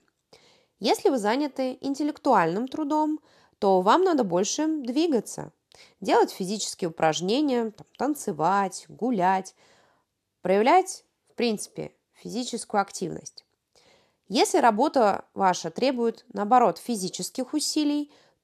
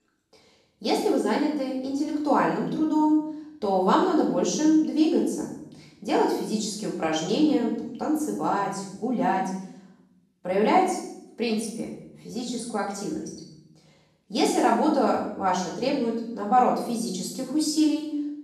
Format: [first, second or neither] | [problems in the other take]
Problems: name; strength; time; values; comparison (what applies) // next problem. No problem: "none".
first | off-mic speech; far // room echo; noticeable; dies away in 0.8 s